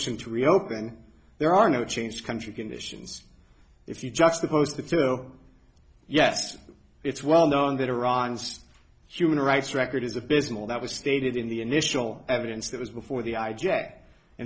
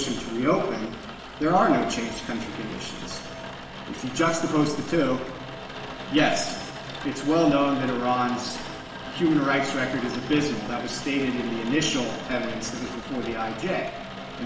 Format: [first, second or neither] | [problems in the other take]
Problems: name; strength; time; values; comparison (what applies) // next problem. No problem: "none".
first | background sound (Rain); 11 dB below the speech // room echo; dies away in 1 s